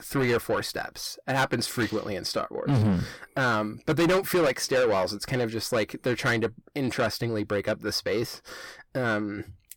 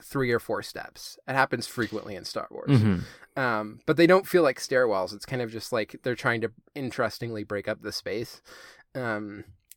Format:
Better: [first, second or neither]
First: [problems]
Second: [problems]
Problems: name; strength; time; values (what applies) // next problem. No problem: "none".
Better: second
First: distortion; heavy; 6 dB below the speech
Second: none